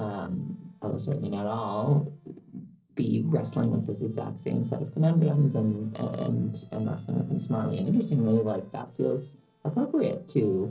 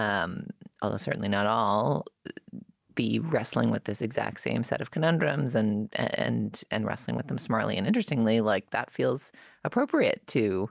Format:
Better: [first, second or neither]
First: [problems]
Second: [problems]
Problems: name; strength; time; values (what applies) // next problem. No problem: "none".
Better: second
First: noise reduction (neural separator model SepFormer DNS4)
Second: none